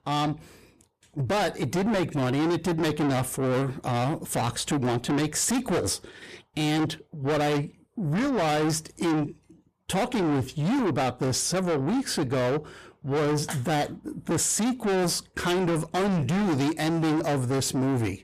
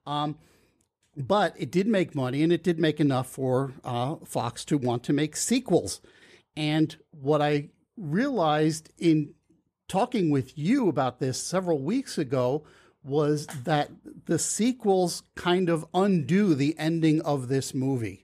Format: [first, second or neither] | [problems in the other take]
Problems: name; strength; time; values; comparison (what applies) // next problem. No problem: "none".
second | distortion; heavy; 6 dB below the speech